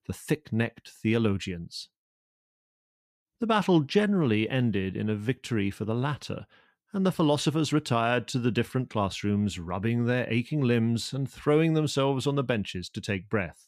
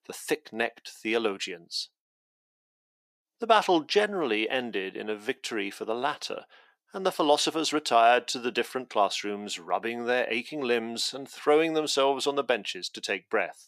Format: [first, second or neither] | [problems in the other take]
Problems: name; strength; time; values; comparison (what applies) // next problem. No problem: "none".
first | thin; very; fading below 400 Hz